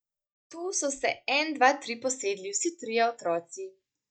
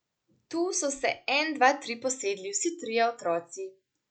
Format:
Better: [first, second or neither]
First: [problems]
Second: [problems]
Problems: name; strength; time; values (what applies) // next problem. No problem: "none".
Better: second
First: noise reduction (neural mask model DeepFilterNet 3)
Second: none